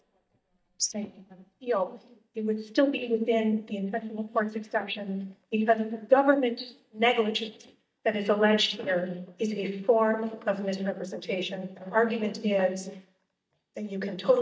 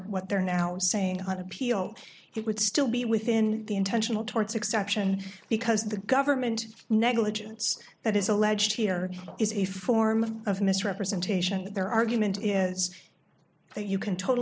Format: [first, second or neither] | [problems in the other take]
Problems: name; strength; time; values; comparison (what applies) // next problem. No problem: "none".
second | noise reduction (neural mask model DeepFilterNet 3)